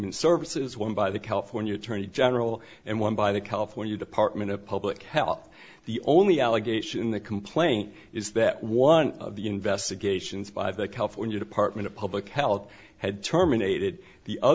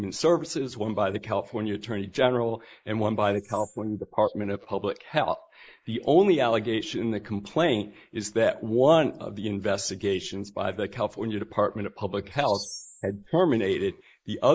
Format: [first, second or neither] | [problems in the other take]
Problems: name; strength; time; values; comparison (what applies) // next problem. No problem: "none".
first | noise reduction (neural mask model Resemble Enhance denoiser)